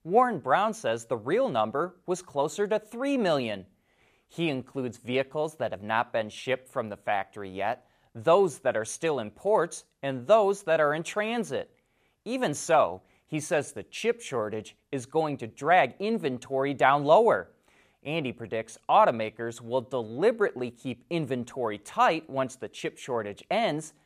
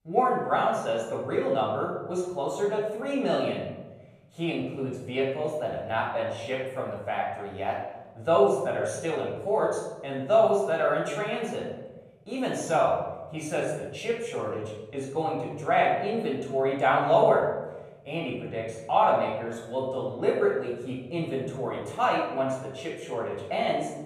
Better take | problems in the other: first | off-mic speech; far // room echo; noticeable; dies away in 1.1 s

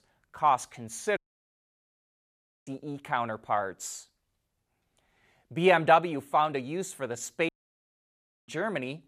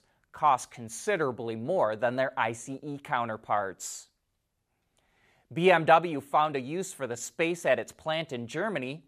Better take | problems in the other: second | audio cutting out; at 1 s for 1.5 s and at 7.5 s for 1 s

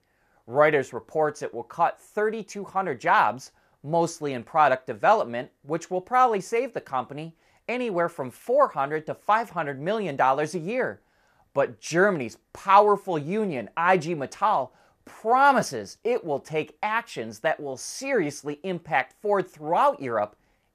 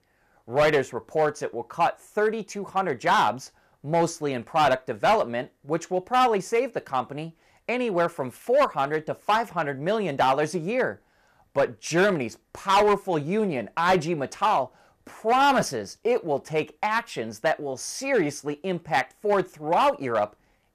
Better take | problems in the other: first | distortion; slight; 4% of the sound clipped

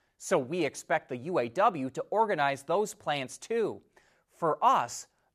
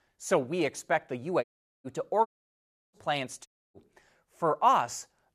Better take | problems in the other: first | audio cutting out; at 1.5 s, at 2.5 s for 0.5 s and at 3.5 s

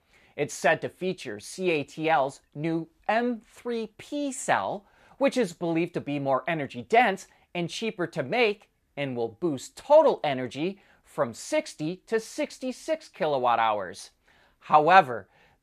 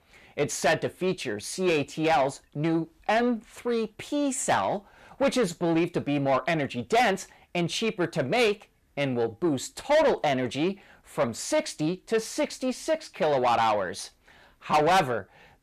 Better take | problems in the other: first | distortion; heavy; 7 dB below the speech

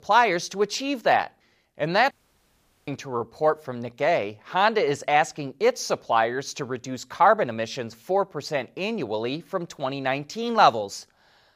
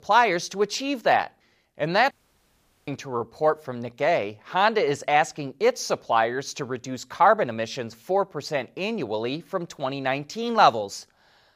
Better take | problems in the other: neither | audio cutting out; at 2 s for 1 s; the same in both

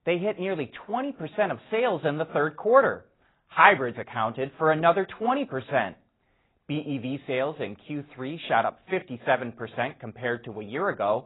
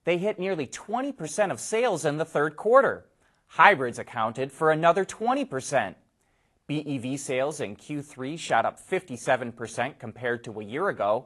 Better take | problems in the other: second | garbled, watery; badly; nothing above 4 kHz; slightly in the second

